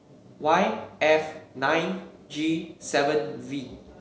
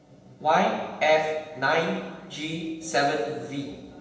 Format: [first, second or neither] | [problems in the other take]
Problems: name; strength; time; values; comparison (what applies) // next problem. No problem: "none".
first | room echo; dies away in 1.4 s